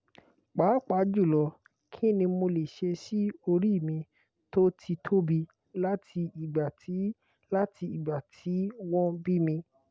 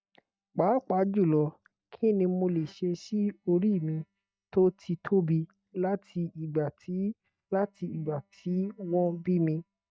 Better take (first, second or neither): first